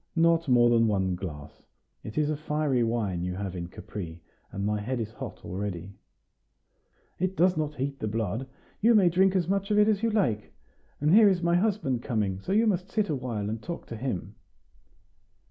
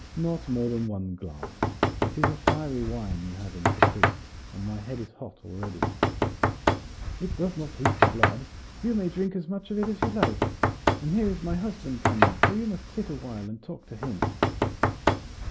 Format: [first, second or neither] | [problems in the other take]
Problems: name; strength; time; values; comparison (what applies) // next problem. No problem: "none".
first | background sound (Knock); 4 dB above the speech